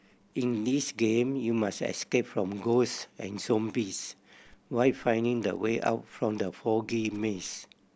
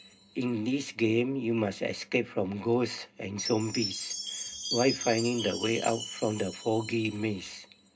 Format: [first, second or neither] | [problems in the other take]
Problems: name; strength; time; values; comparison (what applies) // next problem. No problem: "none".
first | background sound (Chime); 10 dB below the speech // room echo; dies away in 0.2 s